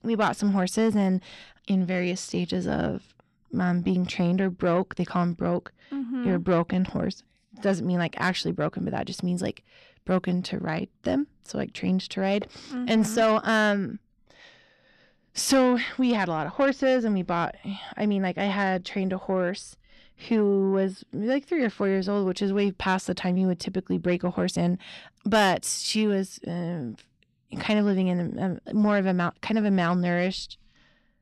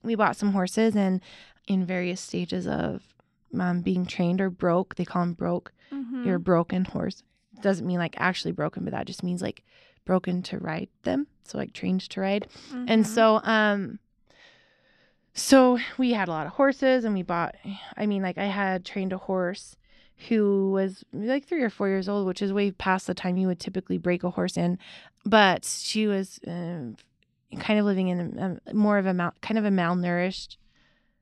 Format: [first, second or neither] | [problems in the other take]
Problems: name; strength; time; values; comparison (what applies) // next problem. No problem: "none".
second | distortion; slight; 10 dB below the speech